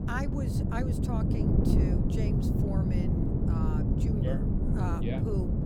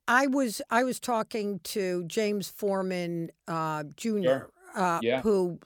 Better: second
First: wind noise on the microphone; heavy; 4 dB above the speech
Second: none

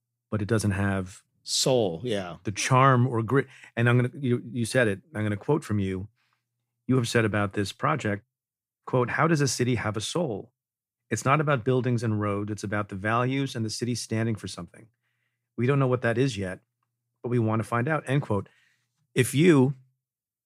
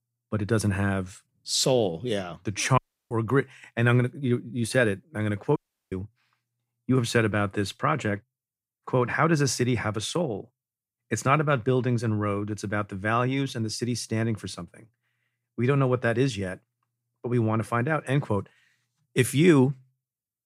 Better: first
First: none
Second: audio cutting out; at 3 s and at 5.5 s

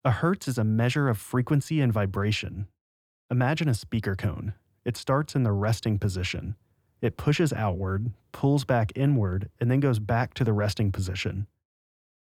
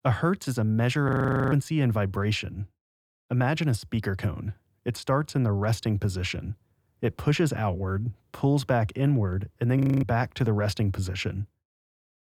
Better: first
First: none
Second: audio freezing; at 1 s and at 10 s

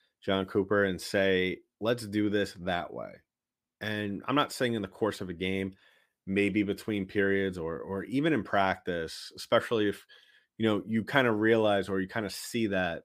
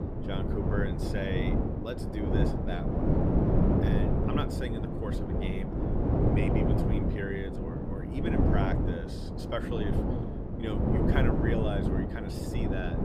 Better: first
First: none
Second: wind noise on the microphone; heavy; 3 dB above the speech

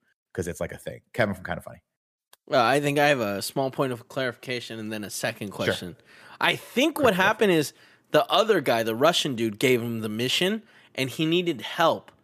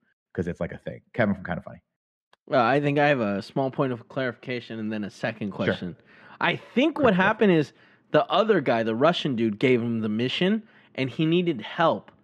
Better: first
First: none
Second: muffled; slightly; fading above 3 kHz

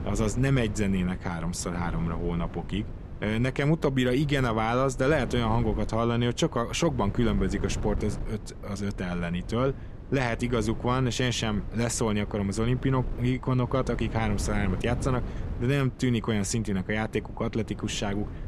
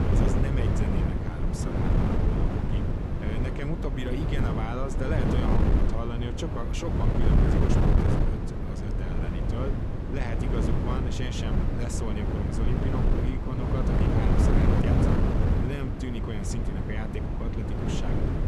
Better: first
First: wind noise on the microphone; occasional gusts; 15 dB below the speech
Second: wind noise on the microphone; heavy; 4 dB above the speech

